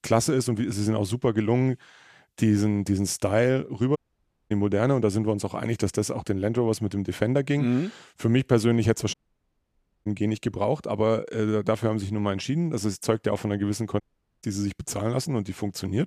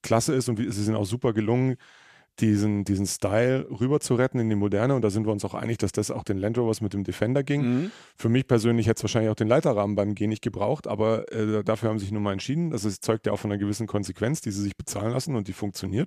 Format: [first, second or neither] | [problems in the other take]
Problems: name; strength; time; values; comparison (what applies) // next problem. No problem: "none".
second | audio cutting out; at 4 s for 0.5 s, at 9 s for 1 s and at 14 s